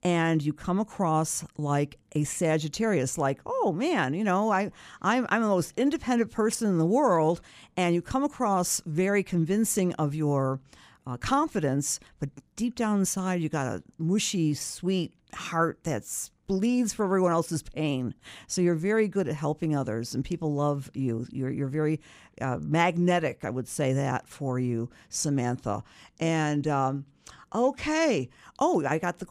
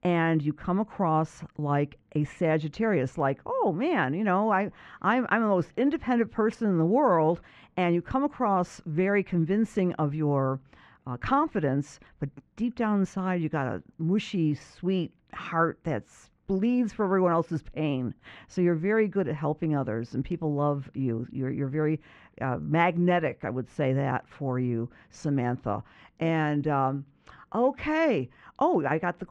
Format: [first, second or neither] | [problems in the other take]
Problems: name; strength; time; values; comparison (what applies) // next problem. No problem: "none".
first | muffled; very; fading above 2 kHz